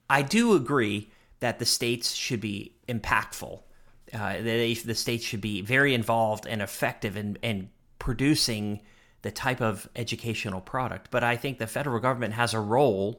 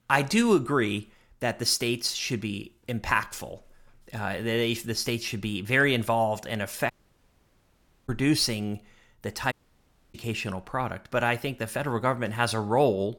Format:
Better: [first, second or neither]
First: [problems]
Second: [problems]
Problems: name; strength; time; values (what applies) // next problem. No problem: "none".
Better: first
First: none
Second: audio cutting out; at 7 s for 1 s and at 9.5 s for 0.5 s